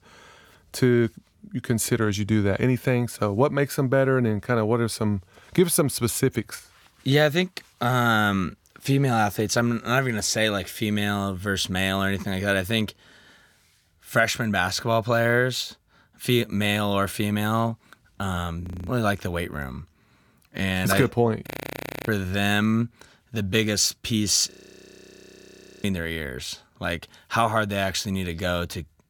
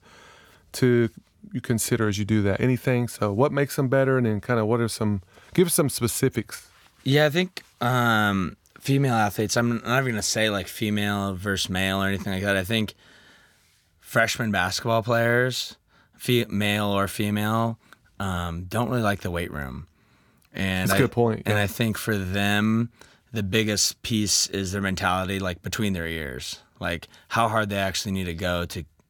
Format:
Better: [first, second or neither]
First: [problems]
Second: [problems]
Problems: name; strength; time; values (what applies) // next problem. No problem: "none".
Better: second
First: audio freezing; at 19 s, at 21 s for 0.5 s and at 25 s for 1.5 s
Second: none